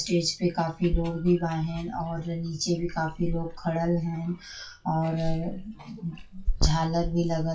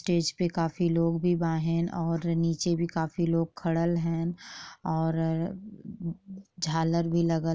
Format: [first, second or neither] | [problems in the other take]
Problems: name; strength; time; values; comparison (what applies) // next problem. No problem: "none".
second | noise reduction (classical method WPE with log-MMSE)